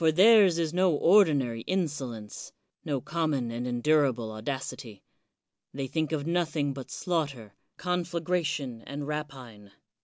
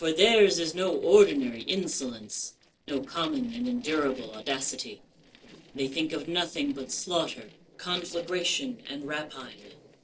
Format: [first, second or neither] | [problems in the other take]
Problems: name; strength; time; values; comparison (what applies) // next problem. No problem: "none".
first | noise reduction (neural separator model SepFormer DNS4)